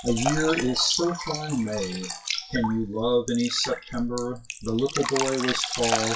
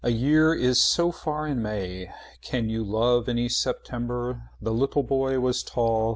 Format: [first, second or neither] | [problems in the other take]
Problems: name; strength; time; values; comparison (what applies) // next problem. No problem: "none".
second | noise reduction (classical method WPE with log-MMSE)